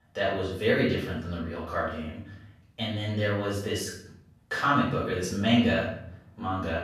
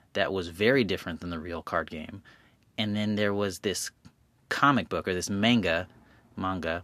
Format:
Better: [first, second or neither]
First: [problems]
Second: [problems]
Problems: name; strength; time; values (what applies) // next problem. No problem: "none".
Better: second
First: off-mic speech; far // room echo; noticeable; dies away in 0.7 s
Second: none